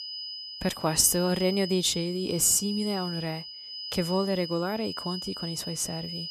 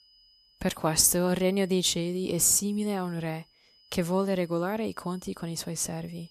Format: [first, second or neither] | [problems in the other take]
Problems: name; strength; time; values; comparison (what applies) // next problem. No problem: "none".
second | high-pitched whine; loud; throughout; 5 kHz, 9 dB below the speech; faint in the second